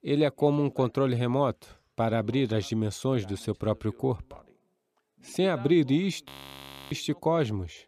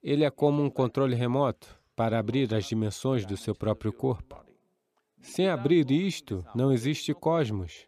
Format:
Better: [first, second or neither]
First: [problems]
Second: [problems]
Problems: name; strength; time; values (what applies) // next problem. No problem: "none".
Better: second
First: audio freezing; at 6.5 s for 0.5 s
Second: none